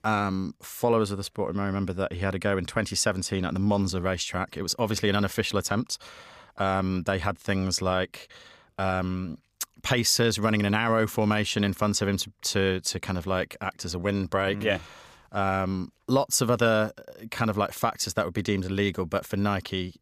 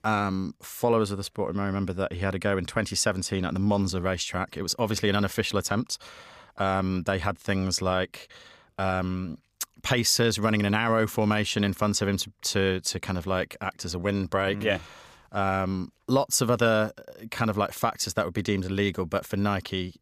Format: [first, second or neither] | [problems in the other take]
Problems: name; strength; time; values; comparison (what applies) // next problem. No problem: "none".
neither | none